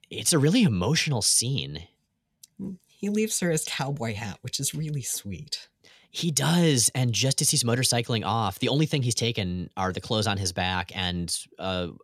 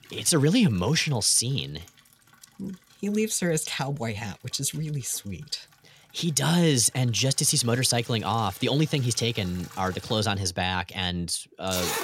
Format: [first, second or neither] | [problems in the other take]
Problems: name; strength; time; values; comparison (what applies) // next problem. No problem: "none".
first | household noises; noticeable; throughout; 15 dB below the speech